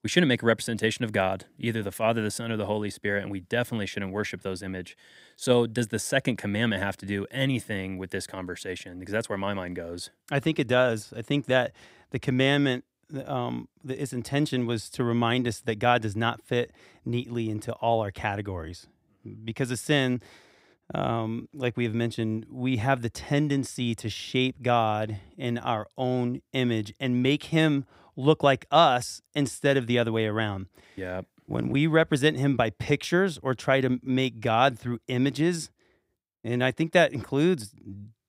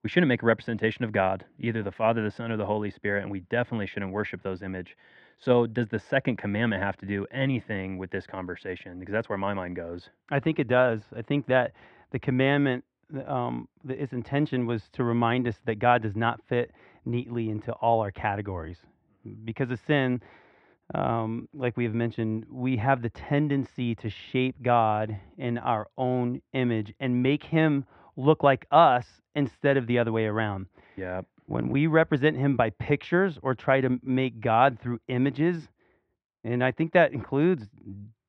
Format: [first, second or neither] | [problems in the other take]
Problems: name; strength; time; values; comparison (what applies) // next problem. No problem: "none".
first | muffled; very; fading above 2.5 kHz